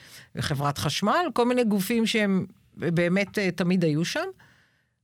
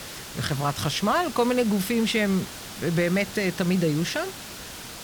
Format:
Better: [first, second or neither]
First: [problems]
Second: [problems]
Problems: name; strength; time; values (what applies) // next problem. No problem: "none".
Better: first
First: none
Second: hiss; noticeable; throughout; 10 dB below the speech